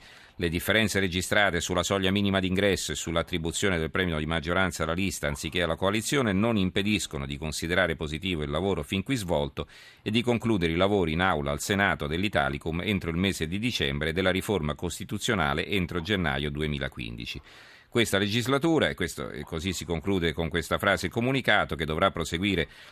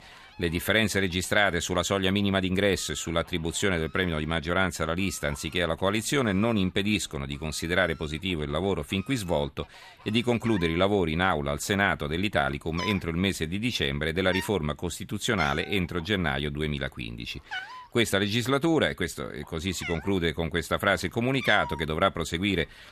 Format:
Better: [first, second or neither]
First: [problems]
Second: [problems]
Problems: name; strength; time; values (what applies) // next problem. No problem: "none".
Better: first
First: none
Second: animal sounds; noticeable; throughout; 15 dB below the speech